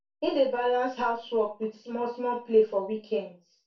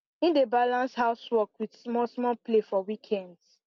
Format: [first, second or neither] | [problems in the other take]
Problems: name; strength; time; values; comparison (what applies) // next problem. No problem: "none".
second | room echo; dies away in 0.3 s